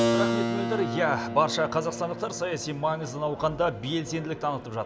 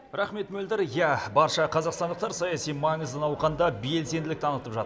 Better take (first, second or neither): second